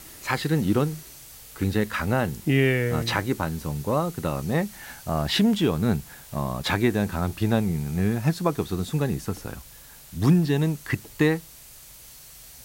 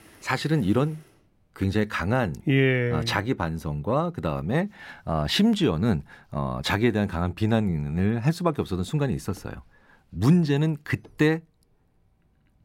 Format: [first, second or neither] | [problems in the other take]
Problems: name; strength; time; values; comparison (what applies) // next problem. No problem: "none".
second | hiss; noticeable; throughout; 20 dB below the speech